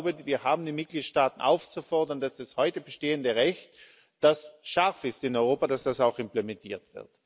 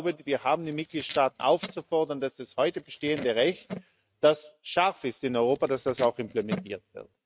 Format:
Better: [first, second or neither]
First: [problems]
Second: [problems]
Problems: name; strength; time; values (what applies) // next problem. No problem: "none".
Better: first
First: none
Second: noise reduction (neural mask model RNNoise)